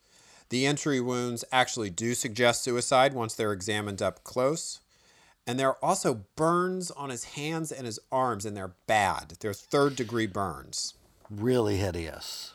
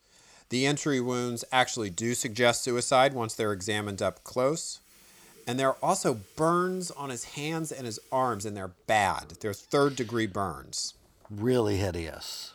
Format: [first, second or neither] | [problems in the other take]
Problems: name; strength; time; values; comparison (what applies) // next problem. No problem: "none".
first | household noises; faint; throughout; 30 dB below the speech